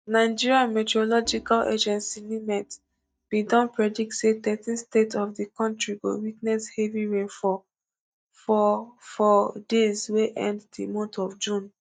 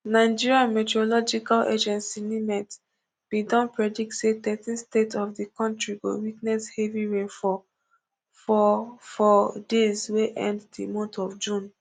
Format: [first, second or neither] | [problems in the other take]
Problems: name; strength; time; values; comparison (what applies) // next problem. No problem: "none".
second | noise reduction (neural mask model DeepFilterNet 3)